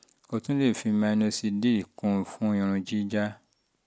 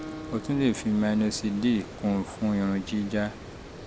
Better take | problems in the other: first | background sound (Guitar + Water); 13 dB below the speech

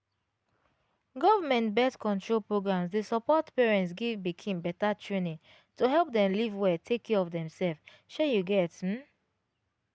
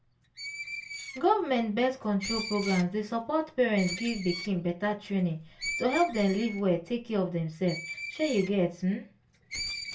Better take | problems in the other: first | background sound (Screech); 11 dB below the speech // room echo; dies away in 0.2 s

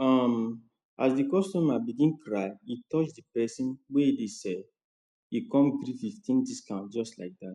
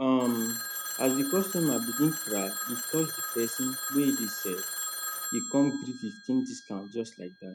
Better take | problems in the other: first | background sound (Telephone); 6 dB below the speech

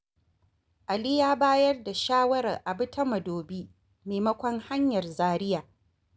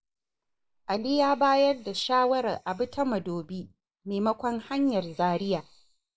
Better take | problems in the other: first | noise reduction (neural mask model Resemble Enhance denoiser)

